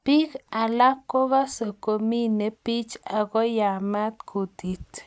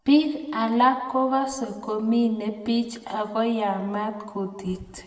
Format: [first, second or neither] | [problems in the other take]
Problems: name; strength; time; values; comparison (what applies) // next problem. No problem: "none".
first | room echo; dies away in 1.1 s